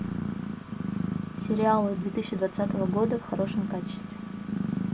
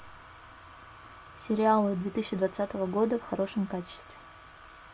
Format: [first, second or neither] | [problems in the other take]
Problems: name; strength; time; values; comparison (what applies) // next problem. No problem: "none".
second | background sound (Purr); 2 dB below the speech